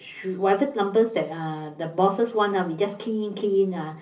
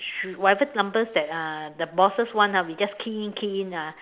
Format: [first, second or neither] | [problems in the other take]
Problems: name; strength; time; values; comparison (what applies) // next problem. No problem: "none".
second | room echo; dies away in 0.5 s